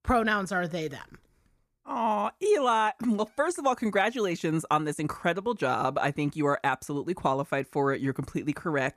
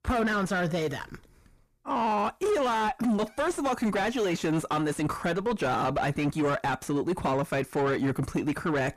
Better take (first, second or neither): first